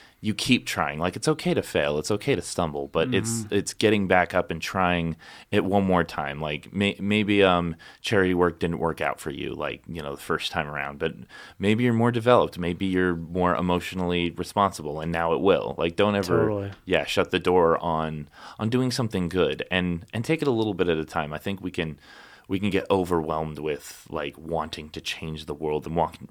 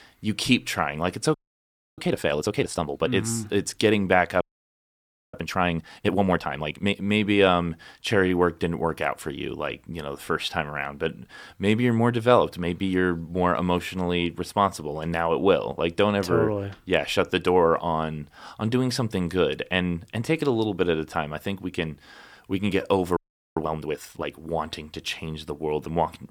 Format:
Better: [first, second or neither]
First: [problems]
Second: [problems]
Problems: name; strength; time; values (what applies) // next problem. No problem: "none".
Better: first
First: none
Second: audio freezing; at 1.5 s for 0.5 s, at 4.5 s for 1 s and at 23 s